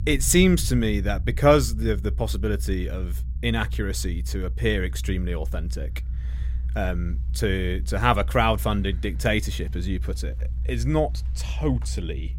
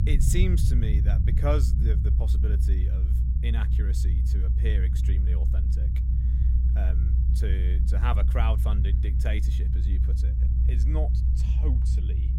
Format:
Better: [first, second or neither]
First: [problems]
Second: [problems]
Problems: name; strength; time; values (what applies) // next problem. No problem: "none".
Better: first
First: low rumble; faint; throughout; 25 dB below the speech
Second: low rumble; loud; throughout; 4 dB below the speech